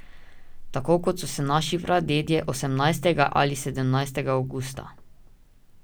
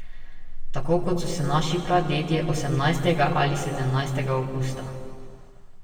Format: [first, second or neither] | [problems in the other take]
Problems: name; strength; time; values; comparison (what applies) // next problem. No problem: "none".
first | room echo; dies away in 2.2 s